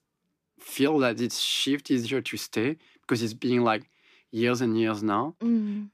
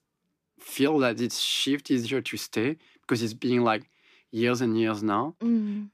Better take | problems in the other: neither | none

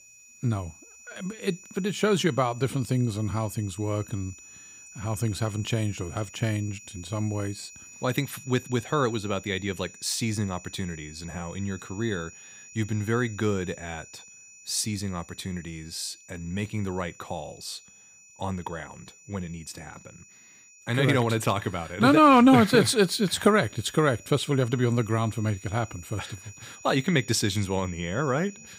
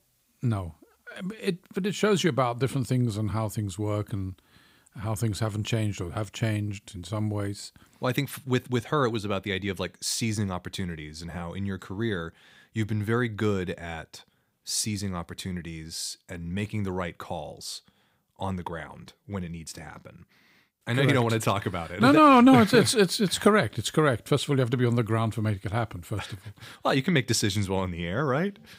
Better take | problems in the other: second | high-pitched whine; noticeable; throughout; 7 kHz, 20 dB below the speech

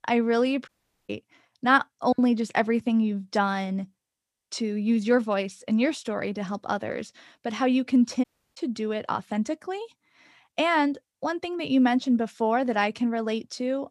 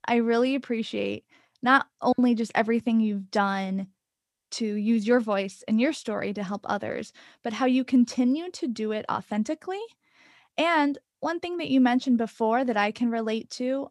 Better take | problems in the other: second | audio cutting out; at 0.5 s and at 8 s

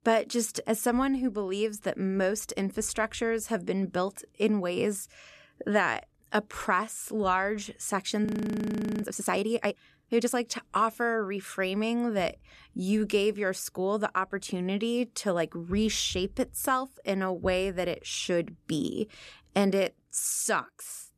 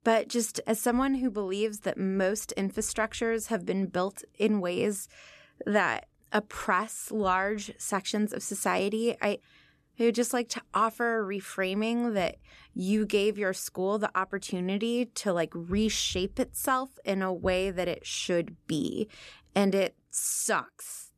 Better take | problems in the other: second | audio freezing; at 8.5 s for 1 s

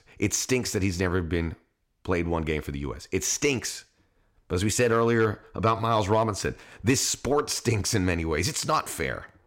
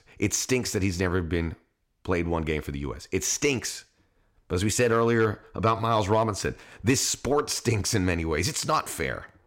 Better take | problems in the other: neither | none

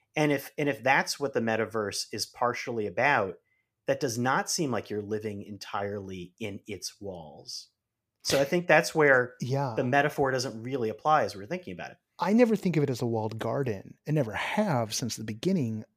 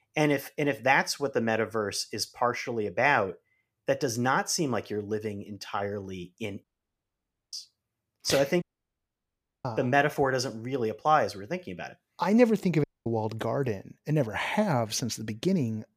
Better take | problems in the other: first | audio cutting out; at 6.5 s for 1 s, at 8.5 s for 1 s and at 13 s

